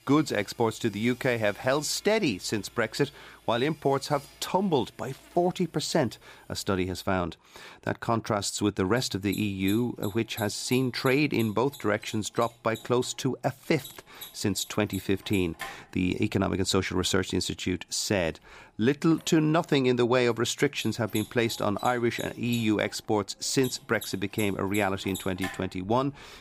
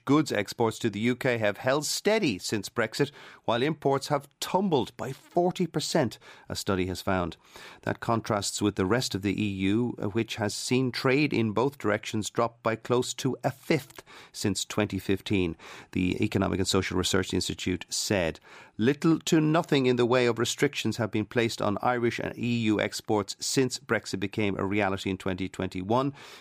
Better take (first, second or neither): second